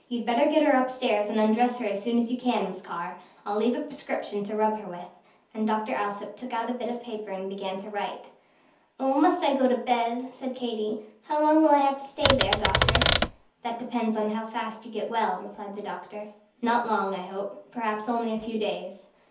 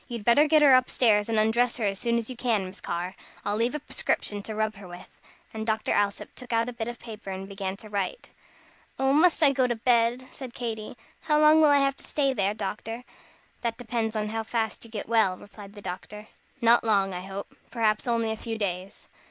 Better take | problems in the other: second | background sound (Typewriter); 3 dB above the speech // room echo; dies away in 0.5 s

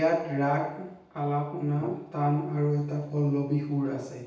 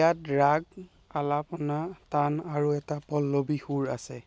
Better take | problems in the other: second | background sound (Brass instrument); 19 dB below the speech // room echo; dies away in 0.9 s

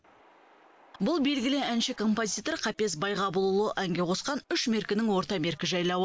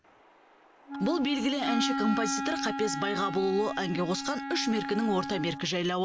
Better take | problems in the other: first | background sound (Wind instrument, woodwind instrument); 5 dB below the speech

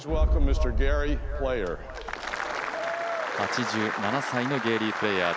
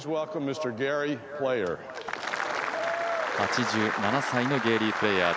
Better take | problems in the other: second | background sound (Boom); 2 dB above the speech

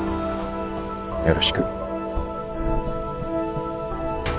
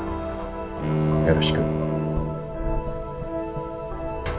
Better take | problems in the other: first | background sound (Bowed string instrument); 1 dB above the speech // room echo; dies away in 0.2 s

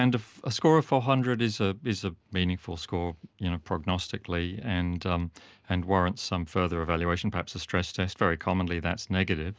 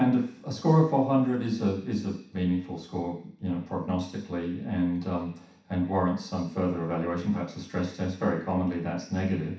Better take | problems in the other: first | room echo; dies away in 0.7 s

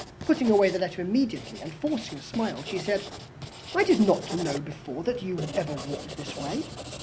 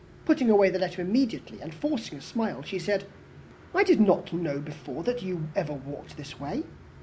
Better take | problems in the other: second | background sound (Writing); 12 dB below the speech

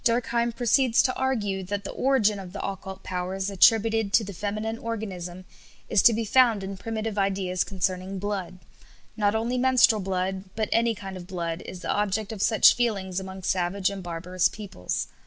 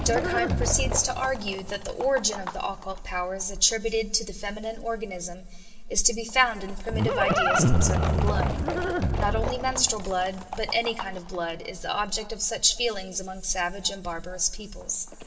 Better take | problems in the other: first | background sound (Livestock, farm animals, working animals); 2 dB below the speech // room echo; dies away in 2.2 s

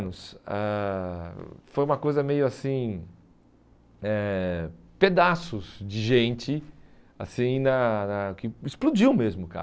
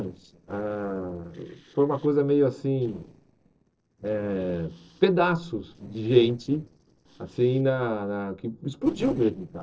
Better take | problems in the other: first | noise reduction (neural separator model SepFormer DNS4)

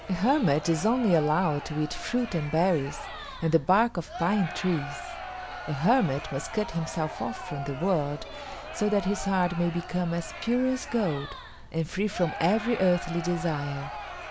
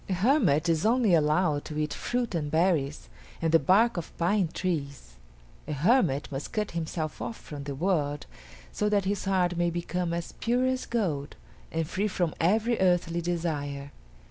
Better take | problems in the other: second | background sound (Crowd); 11 dB below the speech

